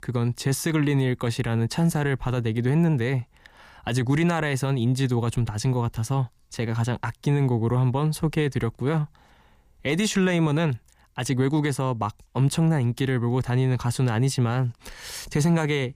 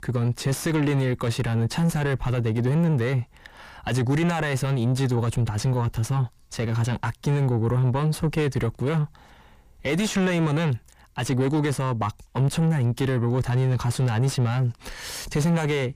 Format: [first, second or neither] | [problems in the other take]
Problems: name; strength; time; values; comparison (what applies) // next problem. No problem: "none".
first | distortion; slight; 8 dB below the speech